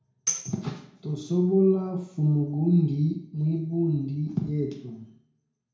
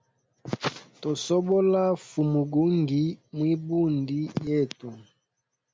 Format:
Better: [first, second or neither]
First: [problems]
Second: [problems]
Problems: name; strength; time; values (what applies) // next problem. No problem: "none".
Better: second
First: background sound (Tambourine); 10 dB below the speech // room echo; dies away in 0.6 s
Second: none